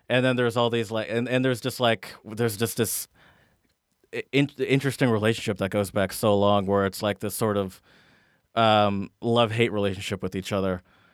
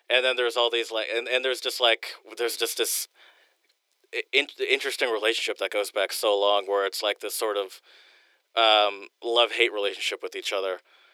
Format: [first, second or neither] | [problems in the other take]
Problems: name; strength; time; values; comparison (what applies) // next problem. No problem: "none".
first | thin; very; fading below 350 Hz